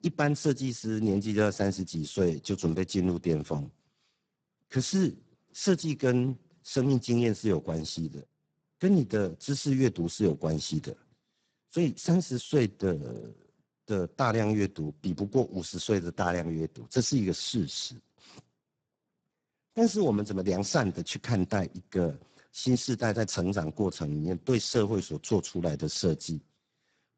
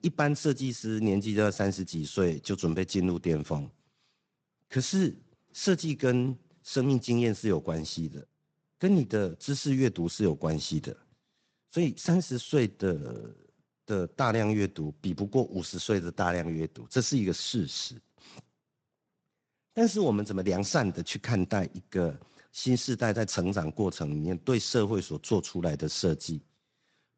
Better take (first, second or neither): second